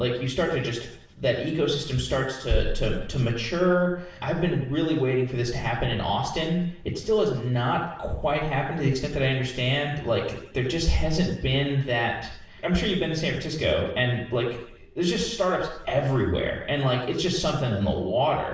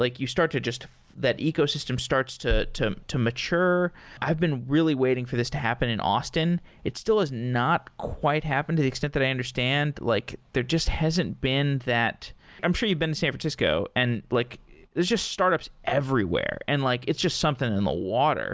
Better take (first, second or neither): second